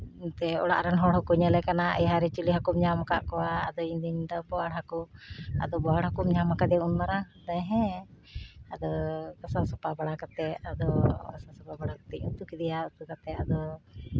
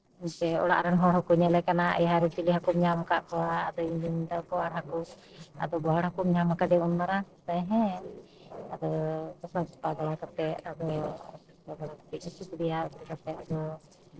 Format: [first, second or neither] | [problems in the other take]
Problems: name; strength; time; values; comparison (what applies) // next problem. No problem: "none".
first | noise reduction (neural separator model SepFormer DNS4)